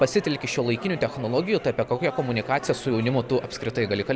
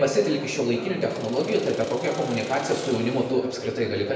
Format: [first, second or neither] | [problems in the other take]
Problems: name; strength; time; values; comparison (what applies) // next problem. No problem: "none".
first | background sound (Accelerating, revving, vroom); 15 dB below the speech // room echo; dies away in 1 s